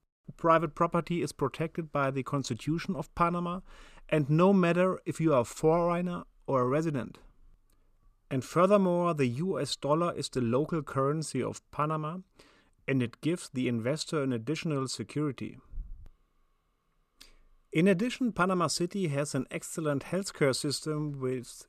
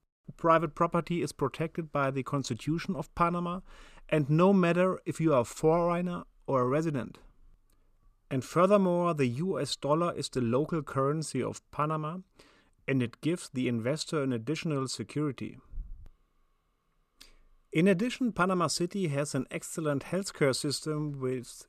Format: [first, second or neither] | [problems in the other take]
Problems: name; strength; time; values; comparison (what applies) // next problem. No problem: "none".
neither | none